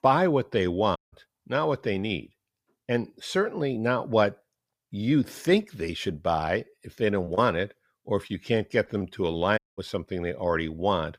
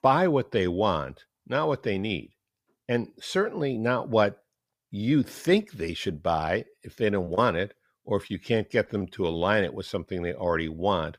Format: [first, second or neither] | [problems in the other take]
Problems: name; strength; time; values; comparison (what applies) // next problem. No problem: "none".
second | audio cutting out; at 1 s and at 9.5 s